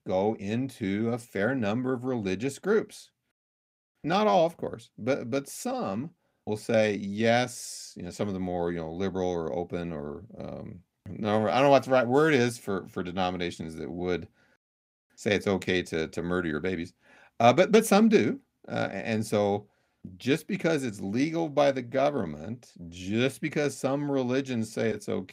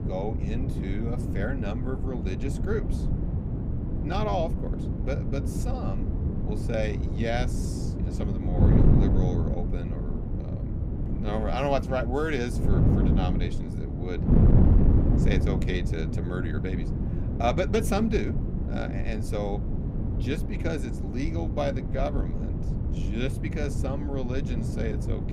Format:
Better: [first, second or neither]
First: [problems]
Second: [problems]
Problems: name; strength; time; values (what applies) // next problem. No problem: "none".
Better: first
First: none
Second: wind noise on the microphone; heavy; 4 dB below the speech